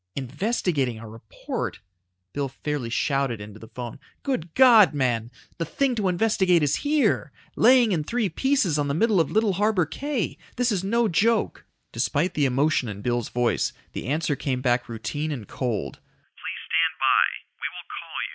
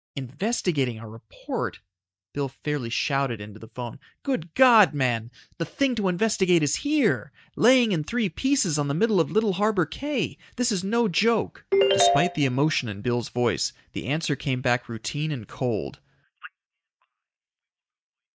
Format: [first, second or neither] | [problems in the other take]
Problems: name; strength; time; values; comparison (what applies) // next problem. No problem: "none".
first | noise reduction (neural mask model DeepFilterNet 3)